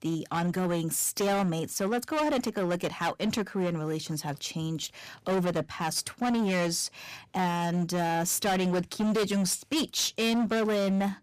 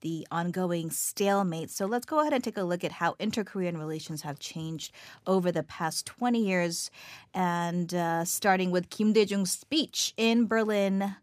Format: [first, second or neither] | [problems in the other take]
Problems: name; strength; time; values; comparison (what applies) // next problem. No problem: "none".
second | distortion; heavy; 19% of the sound clipped